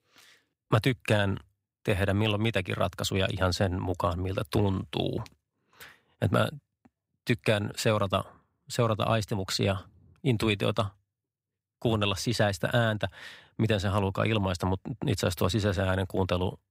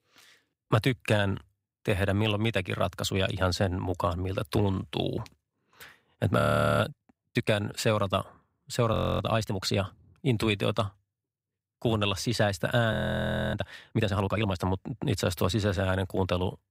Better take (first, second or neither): first